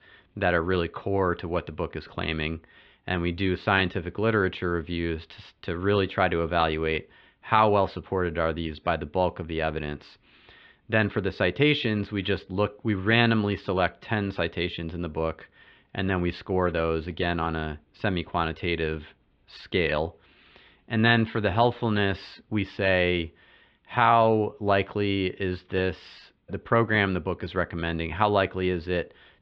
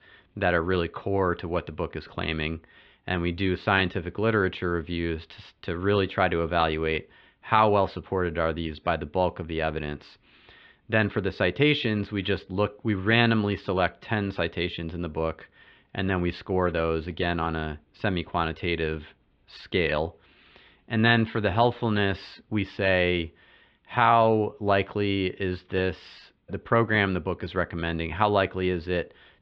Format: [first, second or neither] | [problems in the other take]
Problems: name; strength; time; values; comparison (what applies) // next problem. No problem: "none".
neither | muffled; slightly; fading above 3.5 kHz; the same in both